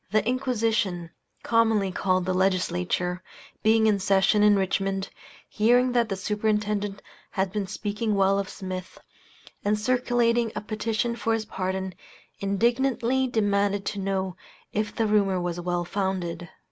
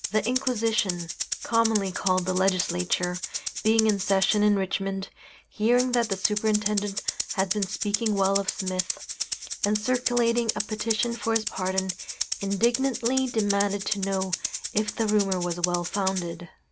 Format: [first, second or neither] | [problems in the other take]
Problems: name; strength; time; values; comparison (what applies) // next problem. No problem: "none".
first | background sound (Rattle (instrument)); 6 dB below the speech